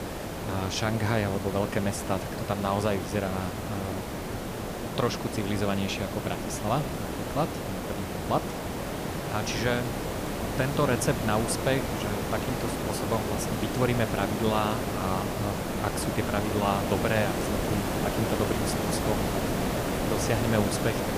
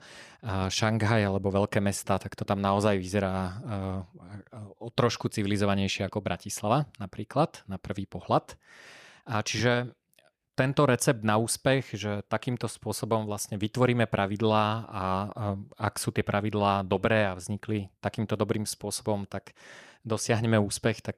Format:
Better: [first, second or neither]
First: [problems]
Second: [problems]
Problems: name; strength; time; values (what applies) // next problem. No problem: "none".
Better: second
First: hiss; loud; throughout; 1 dB below the speech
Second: none